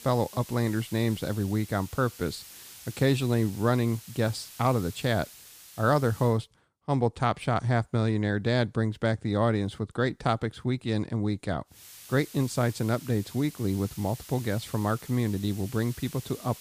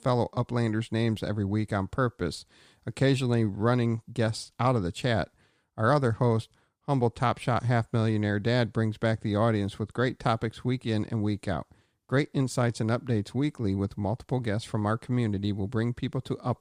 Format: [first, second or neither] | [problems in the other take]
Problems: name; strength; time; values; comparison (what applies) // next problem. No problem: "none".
second | hiss; noticeable; until 6.5 s and from 12 s on; 15 dB below the speech